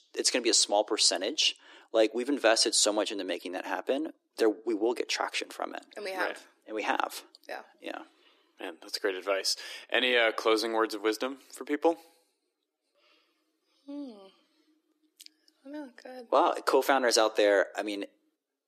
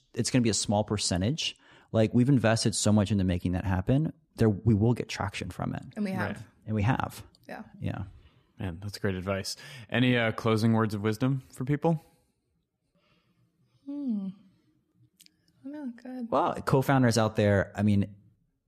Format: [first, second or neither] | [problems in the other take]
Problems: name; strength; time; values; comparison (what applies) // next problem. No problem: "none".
second | thin; very; fading below 300 Hz